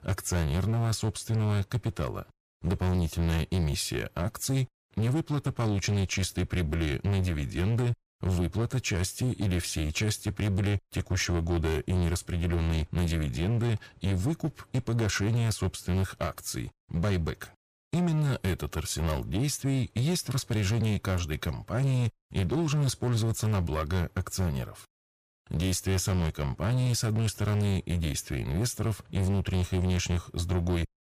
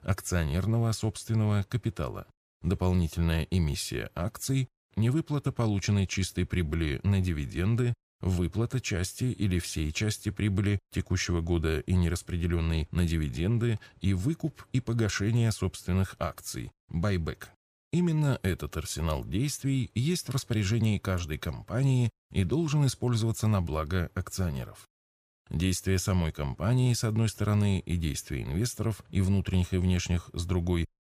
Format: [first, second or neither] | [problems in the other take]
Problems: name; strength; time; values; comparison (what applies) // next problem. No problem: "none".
second | distortion; slight; 17% of the sound clipped